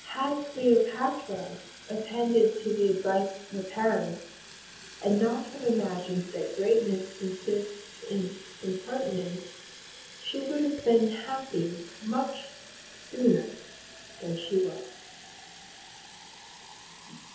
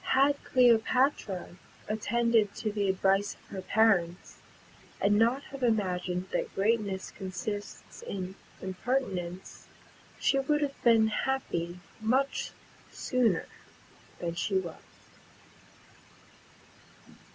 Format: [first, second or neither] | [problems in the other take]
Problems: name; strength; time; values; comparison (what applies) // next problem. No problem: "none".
second | background sound (Fill (with liquid) / Water tap, faucet); 18 dB below the speech // room echo; dies away in 0.8 s